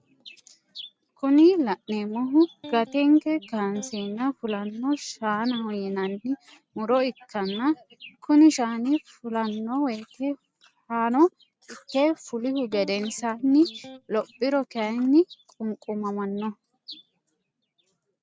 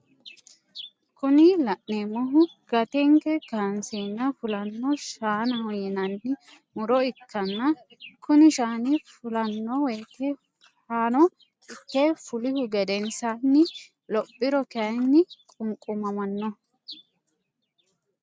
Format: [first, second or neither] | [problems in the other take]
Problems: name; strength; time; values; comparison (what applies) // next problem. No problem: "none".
second | background sound (Electric guitar); 20 dB below the speech